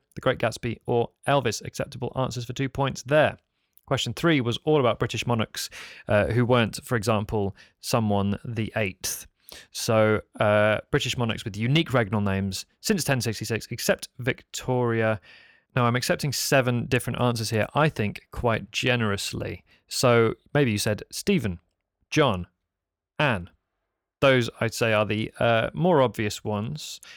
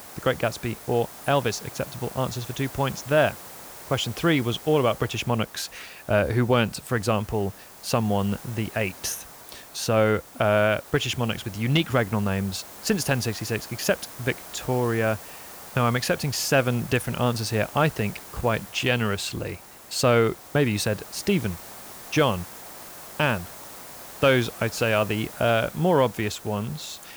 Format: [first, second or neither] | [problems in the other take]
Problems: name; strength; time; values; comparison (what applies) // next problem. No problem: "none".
first | hiss; noticeable; throughout; 15 dB below the speech